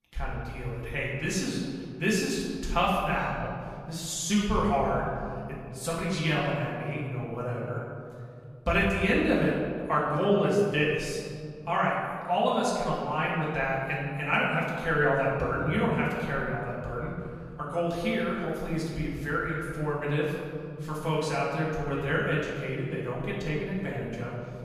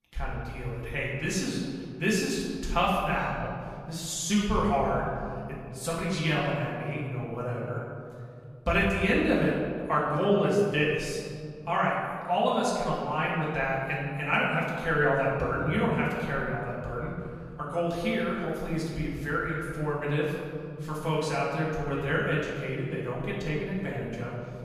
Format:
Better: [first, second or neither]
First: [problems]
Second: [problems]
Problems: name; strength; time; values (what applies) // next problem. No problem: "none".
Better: neither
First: off-mic speech; far // room echo; noticeable; dies away in 2.2 s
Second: off-mic speech; far // room echo; noticeable; dies away in 2.2 s